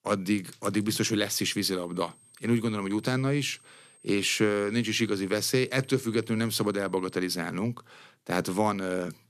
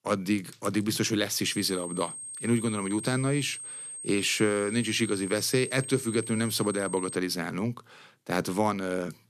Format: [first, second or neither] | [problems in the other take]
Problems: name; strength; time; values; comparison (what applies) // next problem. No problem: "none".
first | high-pitched whine; loud; from 1.5 to 7 s; 8.5 kHz, 9 dB below the speech; faint in the first